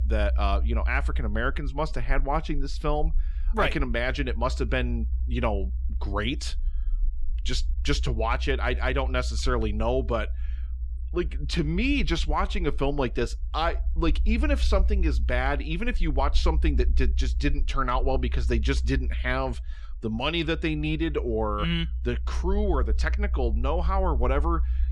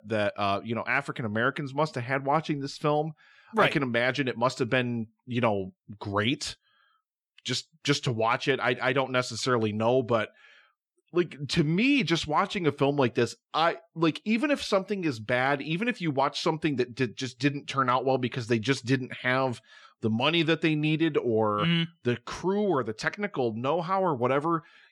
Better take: second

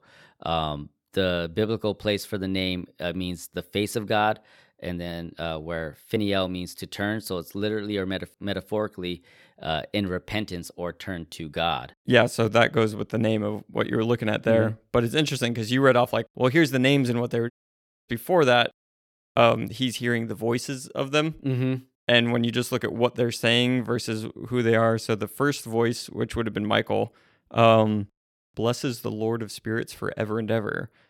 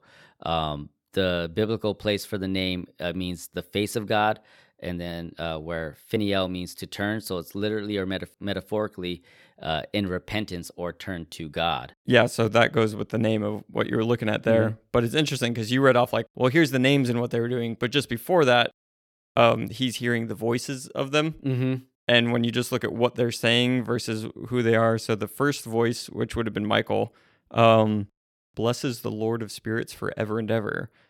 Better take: second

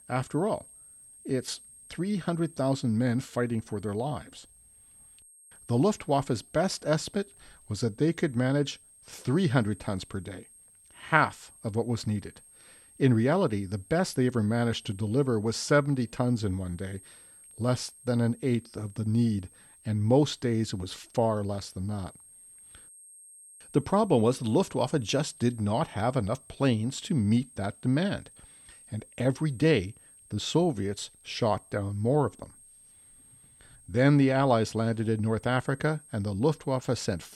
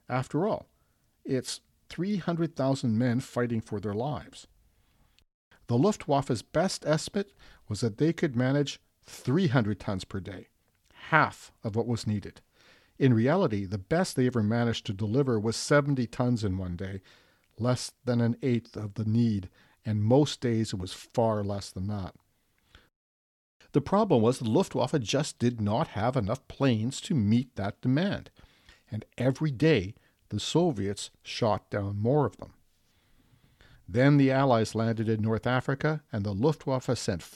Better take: second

